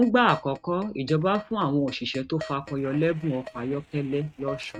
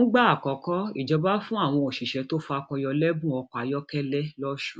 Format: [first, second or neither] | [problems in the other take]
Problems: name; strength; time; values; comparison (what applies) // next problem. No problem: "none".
second | noise reduction (neural mask model RNNoise)